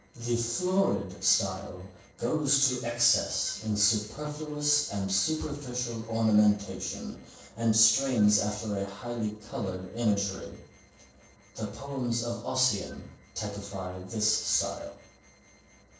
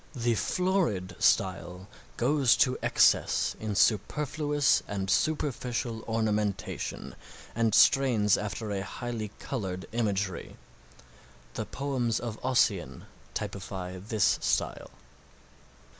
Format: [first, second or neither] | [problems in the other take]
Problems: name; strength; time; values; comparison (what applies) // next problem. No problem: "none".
second | noise reduction (neural separator model SepFormer DNS4)